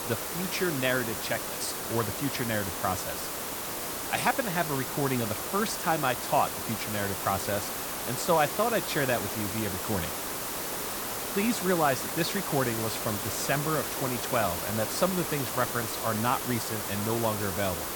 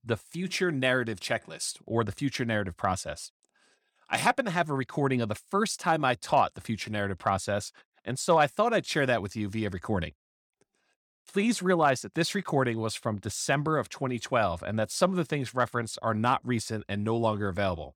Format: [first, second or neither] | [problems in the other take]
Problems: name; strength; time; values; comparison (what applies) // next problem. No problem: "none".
second | hiss; loud; throughout; 2 dB below the speech